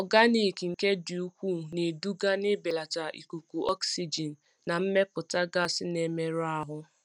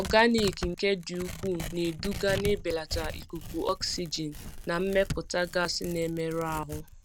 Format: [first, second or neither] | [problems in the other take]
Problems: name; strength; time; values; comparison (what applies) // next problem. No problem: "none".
first | background sound (Tearing); 9 dB below the speech